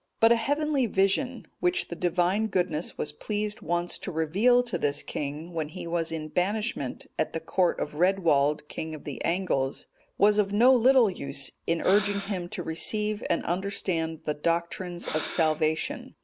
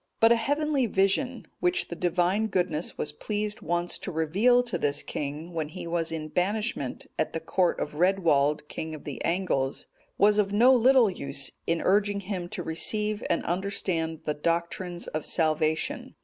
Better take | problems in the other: second | background sound (Breathing); 12 dB below the speech

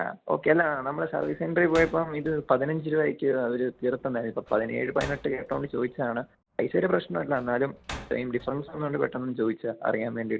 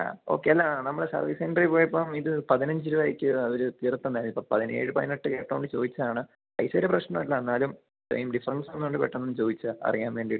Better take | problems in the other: second | background sound (Slam); 19 dB below the speech

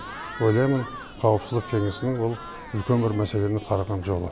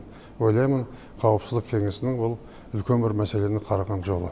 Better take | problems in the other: second | background sound (Crowd / Cheering); 16 dB below the speech

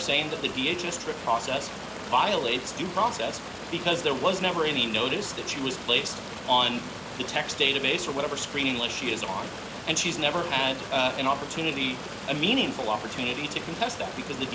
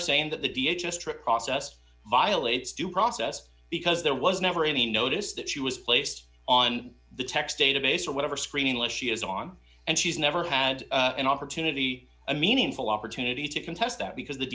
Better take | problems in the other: second | background sound (Stream); 9 dB below the speech

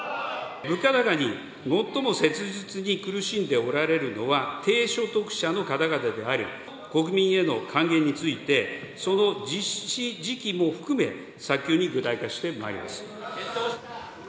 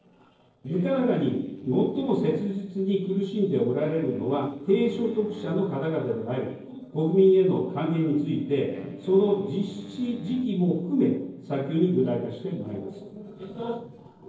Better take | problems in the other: first | noise reduction (neural separator model SepFormer DNS4)

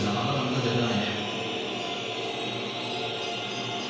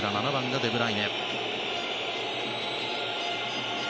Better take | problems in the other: second | background sound (Siren); 17 dB below the speech // room echo; dies away in 1 s

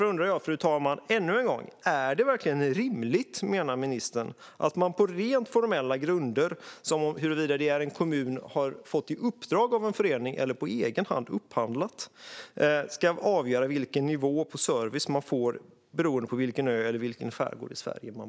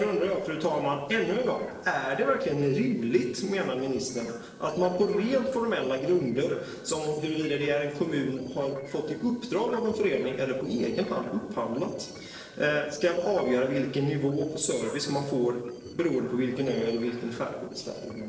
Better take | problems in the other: first | noise reduction (neural separator model SepFormer DNS4)

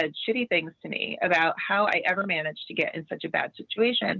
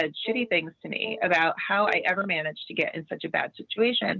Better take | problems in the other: first | background sound (Wind instrument, woodwind instrument); 13 dB below the speech

